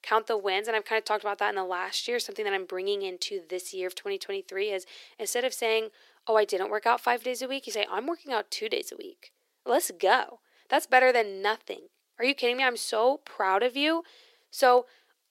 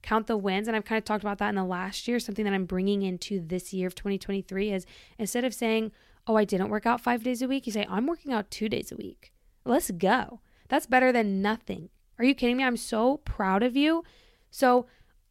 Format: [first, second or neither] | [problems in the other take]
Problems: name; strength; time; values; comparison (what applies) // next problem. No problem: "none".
second | thin; very; fading below 350 Hz